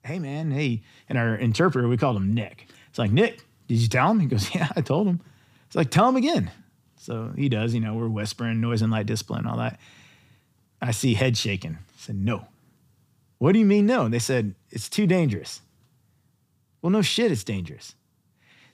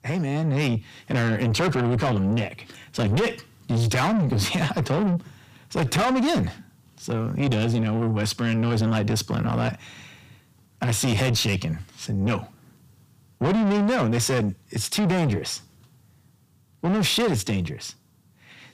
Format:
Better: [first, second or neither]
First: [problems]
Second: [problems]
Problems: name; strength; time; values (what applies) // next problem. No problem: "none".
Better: first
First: none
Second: distortion; heavy; 7 dB below the speech